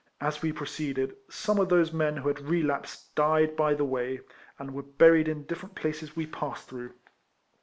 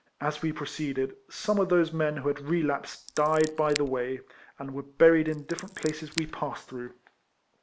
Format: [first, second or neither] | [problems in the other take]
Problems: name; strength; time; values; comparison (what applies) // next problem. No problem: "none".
first | background sound (Scissors); 14 dB below the speech